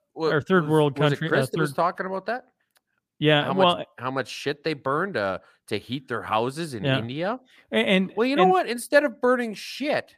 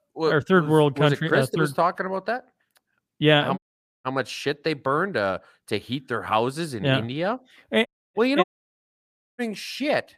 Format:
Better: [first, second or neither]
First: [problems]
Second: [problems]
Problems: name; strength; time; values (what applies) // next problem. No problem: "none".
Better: first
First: none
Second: audio cutting out; at 3.5 s, at 8 s and at 8.5 s for 1 s